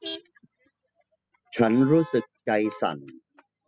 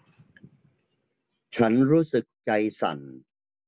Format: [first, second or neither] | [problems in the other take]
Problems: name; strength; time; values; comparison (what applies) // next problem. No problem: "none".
second | noise reduction (classical method spectral subtraction)